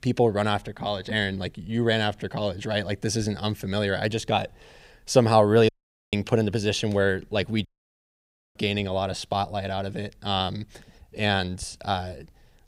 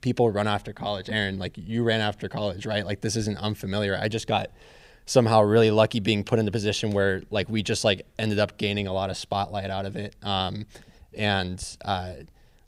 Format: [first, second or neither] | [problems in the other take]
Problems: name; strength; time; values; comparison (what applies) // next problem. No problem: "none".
second | audio cutting out; at 5.5 s and at 7.5 s for 1 s